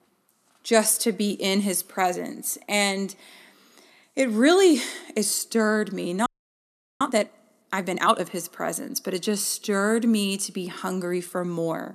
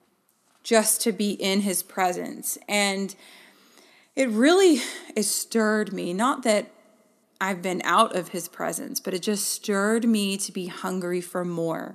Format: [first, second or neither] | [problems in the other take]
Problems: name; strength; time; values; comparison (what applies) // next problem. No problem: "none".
second | audio freezing; at 6.5 s for 1 s